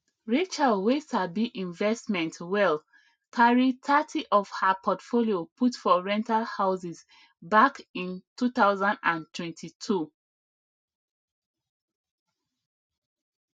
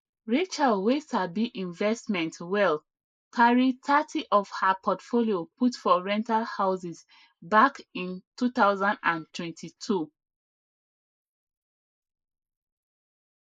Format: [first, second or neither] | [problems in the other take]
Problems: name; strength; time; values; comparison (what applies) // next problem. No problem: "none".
first | noise reduction (neural mask model Resemble Enhance denoiser)